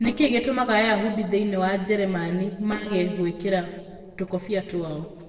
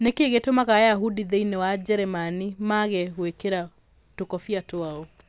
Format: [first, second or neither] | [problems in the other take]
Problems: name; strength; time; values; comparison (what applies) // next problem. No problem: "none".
second | noise reduction (neural separator model SepFormer DNS4)